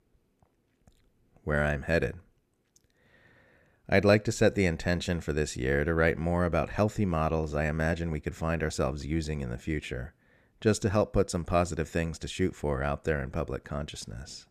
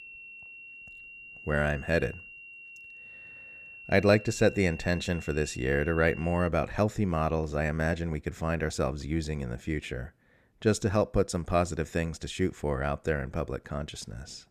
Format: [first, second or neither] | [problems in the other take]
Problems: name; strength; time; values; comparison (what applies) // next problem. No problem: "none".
first | high-pitched whine; noticeable; until 6.5 s; 2.5 kHz, 15 dB below the speech